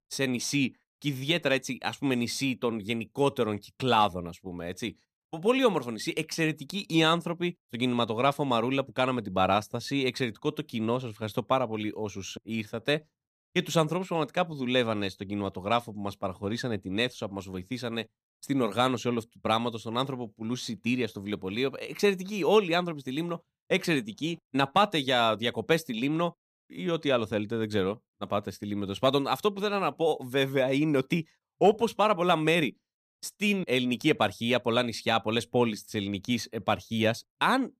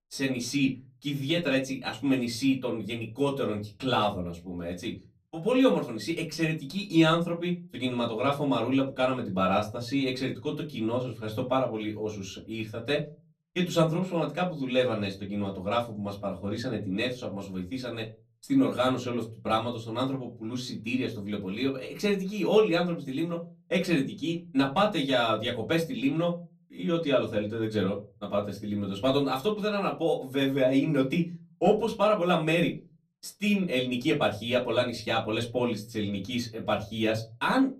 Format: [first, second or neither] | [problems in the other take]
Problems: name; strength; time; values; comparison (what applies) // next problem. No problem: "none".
first | off-mic speech; far // room echo; very slight; dies away in 0.3 s